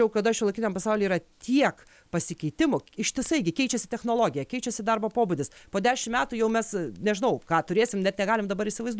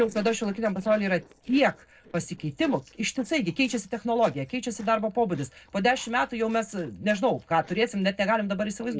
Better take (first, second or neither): first